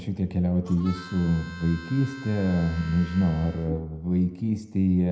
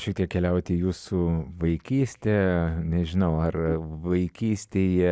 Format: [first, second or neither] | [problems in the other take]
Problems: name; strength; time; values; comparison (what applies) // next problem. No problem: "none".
second | background sound (Harmonica); 19 dB below the speech // room echo; dies away in 0.8 s